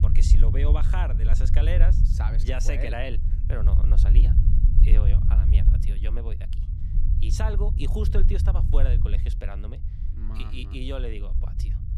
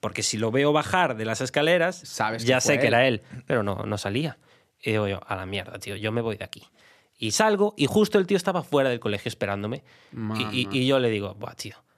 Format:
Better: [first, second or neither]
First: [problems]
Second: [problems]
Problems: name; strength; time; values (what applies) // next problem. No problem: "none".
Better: second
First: low rumble; loud; throughout; 5 dB below the speech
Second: none